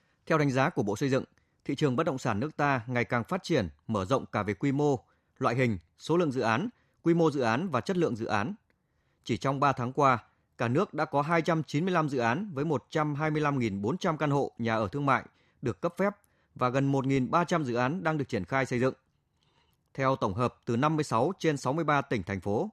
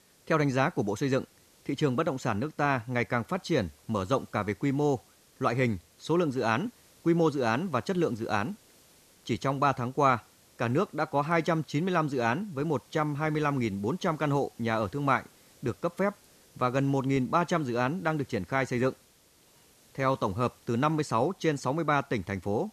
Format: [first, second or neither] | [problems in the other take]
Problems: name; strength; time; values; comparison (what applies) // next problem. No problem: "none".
first | hiss; faint; throughout; 30 dB below the speech